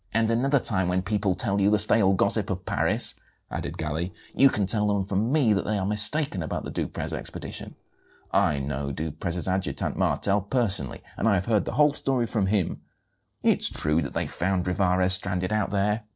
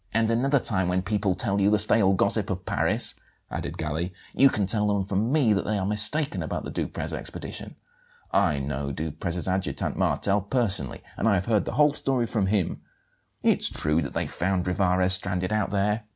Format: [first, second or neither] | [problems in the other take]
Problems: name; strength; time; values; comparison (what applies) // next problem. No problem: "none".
second | noise reduction (neural separator model SepFormer DNS4)